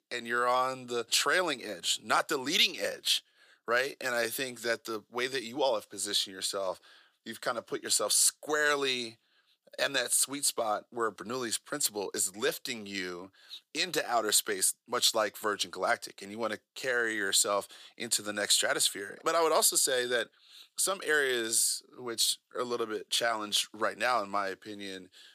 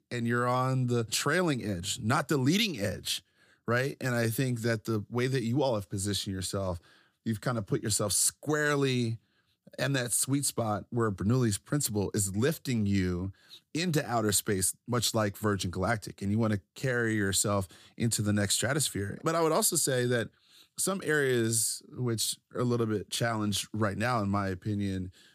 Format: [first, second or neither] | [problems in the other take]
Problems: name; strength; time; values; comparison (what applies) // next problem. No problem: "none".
second | thin; very; fading below 550 Hz